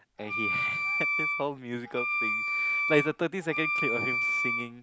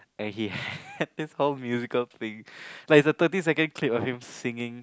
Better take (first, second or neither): second